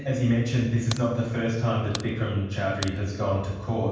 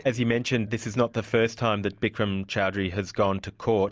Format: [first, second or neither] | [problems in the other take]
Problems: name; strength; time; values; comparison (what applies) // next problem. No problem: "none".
second | background sound (Crack); 14 dB below the speech // room echo; dies away in 1.2 s